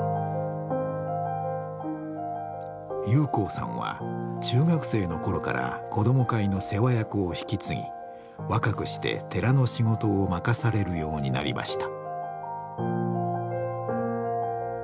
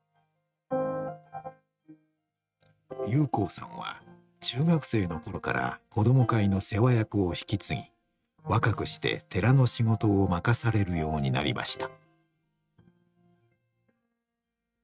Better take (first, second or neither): first